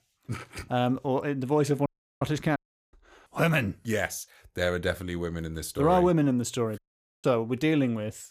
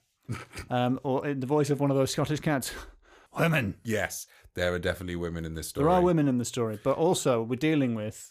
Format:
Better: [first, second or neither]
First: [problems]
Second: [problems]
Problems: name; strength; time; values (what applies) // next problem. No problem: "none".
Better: second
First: audio cutting out; at 2 s, at 2.5 s and at 7 s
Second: none